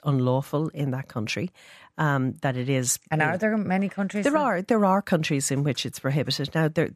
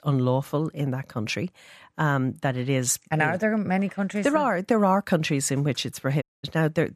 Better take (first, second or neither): first